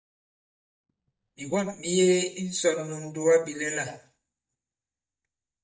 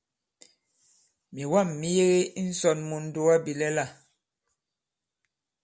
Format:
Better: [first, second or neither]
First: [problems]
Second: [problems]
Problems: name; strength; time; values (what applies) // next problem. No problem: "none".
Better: second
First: noise reduction (neural mask model DeepFilterNet 3)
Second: none